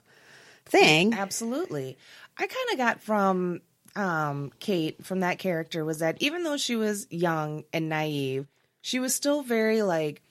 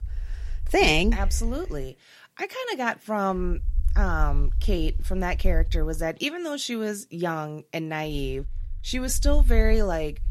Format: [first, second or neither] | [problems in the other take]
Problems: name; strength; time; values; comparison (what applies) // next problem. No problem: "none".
first | low rumble; faint; until 2 s, from 3.5 to 6 s and from 8 s on; 25 dB below the speech